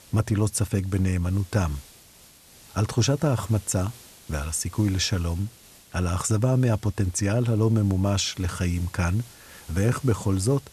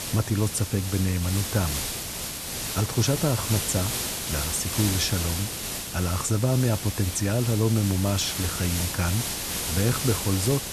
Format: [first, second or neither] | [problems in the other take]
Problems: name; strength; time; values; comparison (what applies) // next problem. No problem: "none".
first | hiss; loud; throughout; 3 dB below the speech; faint in the first